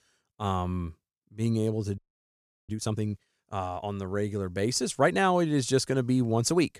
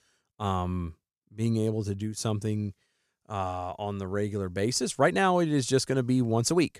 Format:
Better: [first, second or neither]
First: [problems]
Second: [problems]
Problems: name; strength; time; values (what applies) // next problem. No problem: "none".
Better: second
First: audio freezing; at 2 s for 0.5 s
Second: none